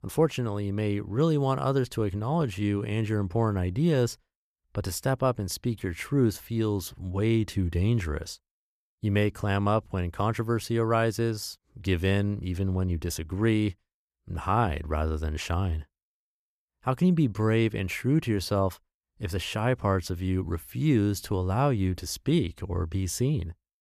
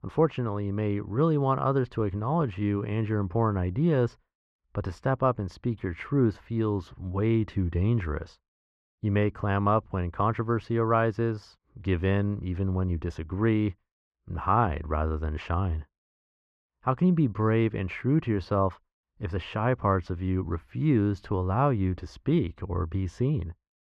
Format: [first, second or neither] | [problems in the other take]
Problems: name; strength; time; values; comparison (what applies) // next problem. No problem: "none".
first | muffled; very; fading above 2 kHz